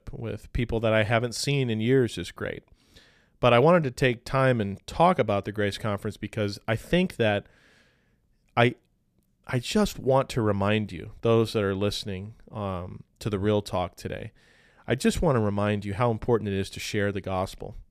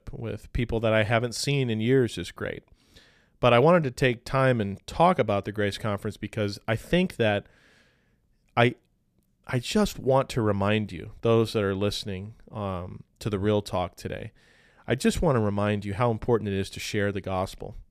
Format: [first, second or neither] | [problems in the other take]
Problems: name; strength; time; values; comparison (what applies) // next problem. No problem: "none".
neither | none